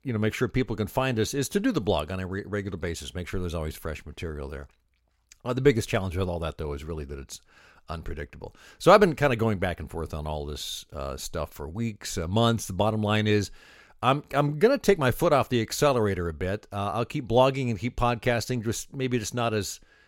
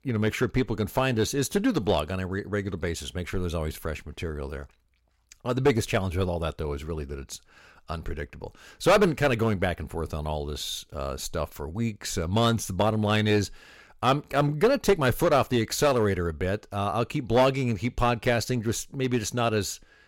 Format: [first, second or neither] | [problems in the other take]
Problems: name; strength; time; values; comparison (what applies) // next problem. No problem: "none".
first | distortion; slight; 3% of the sound clipped